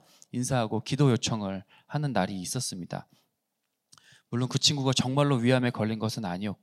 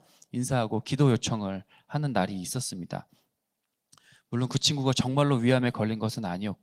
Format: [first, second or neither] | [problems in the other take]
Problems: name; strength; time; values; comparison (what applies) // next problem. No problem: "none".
first | garbled, watery; slightly; nothing above 16 kHz